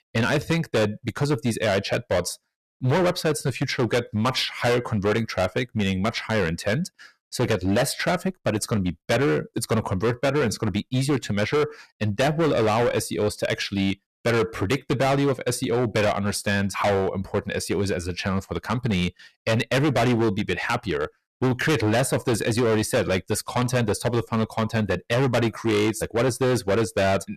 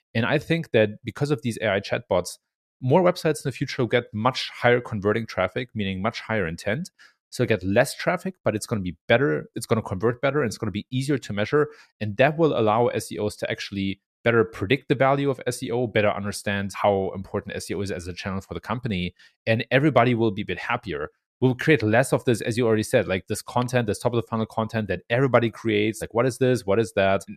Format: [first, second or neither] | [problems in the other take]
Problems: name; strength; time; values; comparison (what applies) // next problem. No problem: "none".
second | distortion; heavy; 17% of the sound clipped